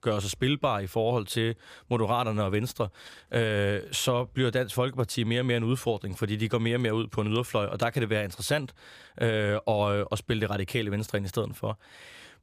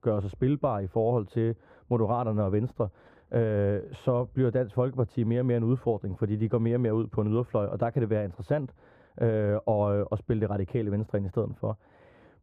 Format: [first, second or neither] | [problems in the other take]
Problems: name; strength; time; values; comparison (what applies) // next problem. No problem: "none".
first | muffled; very; fading above 2 kHz